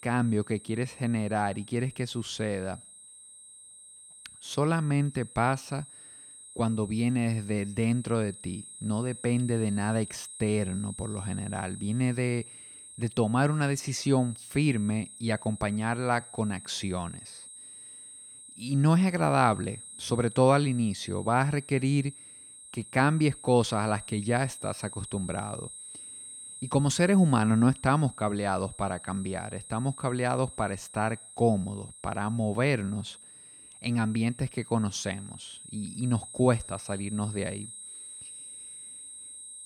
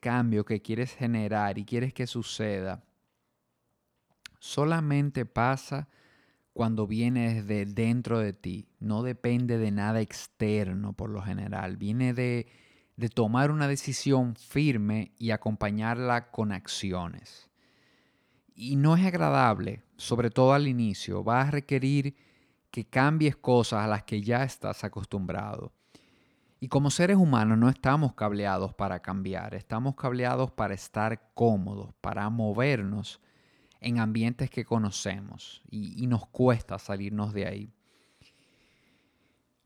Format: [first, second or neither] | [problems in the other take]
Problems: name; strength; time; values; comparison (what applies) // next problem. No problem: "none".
second | high-pitched whine; noticeable; throughout; 8.5 kHz, 15 dB below the speech